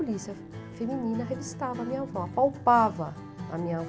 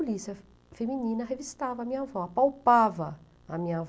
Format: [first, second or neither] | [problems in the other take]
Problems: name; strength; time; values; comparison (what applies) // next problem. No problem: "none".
second | background sound (Acoustic guitar); 11 dB below the speech